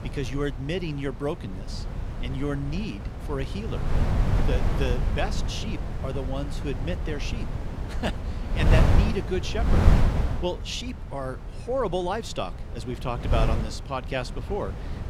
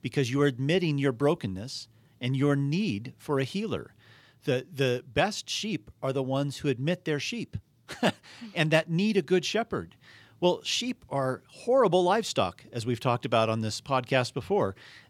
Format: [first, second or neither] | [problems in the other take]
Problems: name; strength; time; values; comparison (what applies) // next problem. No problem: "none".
second | wind noise on the microphone; heavy; 4 dB below the speech